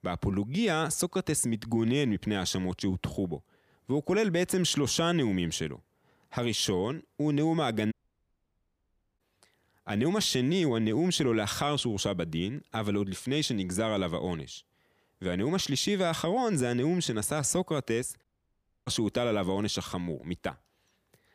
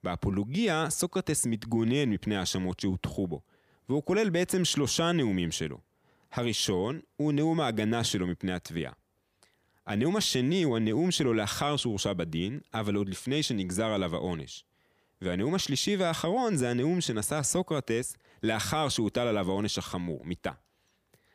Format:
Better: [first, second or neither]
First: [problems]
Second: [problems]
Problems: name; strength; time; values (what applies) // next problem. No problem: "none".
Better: second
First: audio cutting out; at 8 s for 1.5 s and at 18 s for 0.5 s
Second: none